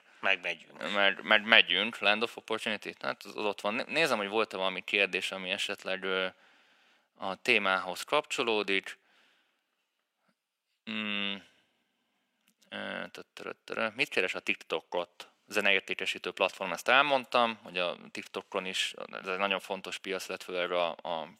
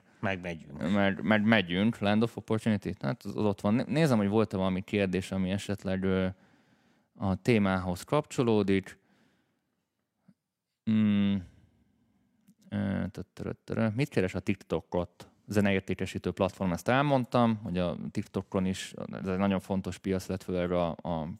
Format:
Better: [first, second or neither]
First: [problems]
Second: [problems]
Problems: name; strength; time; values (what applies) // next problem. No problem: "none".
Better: second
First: thin; very; fading below 500 Hz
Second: none